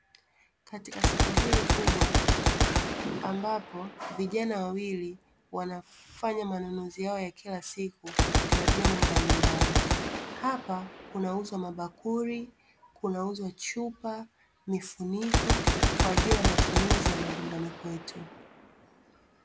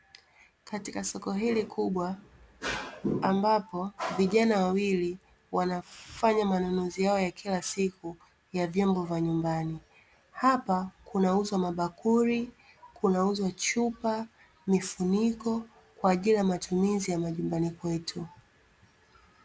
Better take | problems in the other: second | background sound (Gunshot, gunfire); 5 dB above the speech

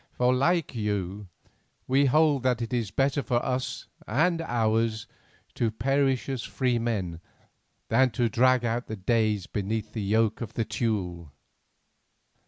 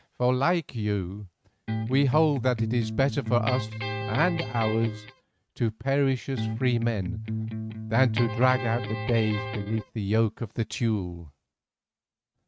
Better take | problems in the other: first | noise reduction (neural mask model RNNoise)

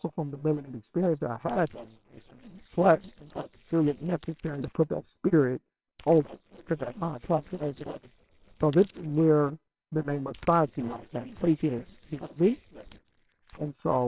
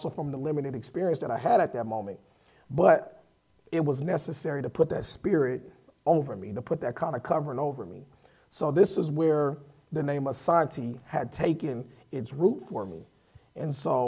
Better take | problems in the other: second | noise reduction (neural separator model SepFormer WHAMR!)

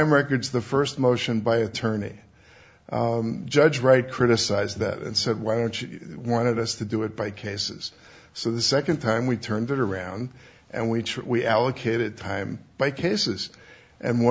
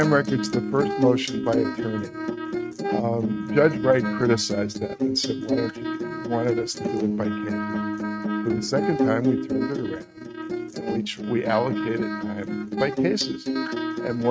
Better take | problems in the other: first | noise reduction (neural mask model RNNoise)

